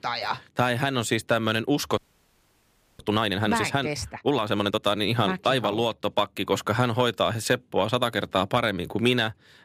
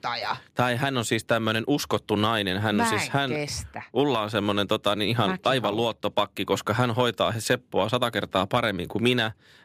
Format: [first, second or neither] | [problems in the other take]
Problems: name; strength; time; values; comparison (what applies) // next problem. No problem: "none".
second | audio freezing; at 2 s for 1 s